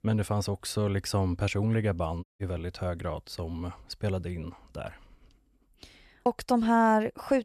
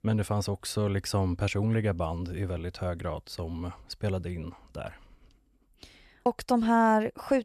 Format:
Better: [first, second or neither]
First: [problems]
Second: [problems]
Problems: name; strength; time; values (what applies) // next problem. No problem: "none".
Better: second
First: audio cutting out; at 2 s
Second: none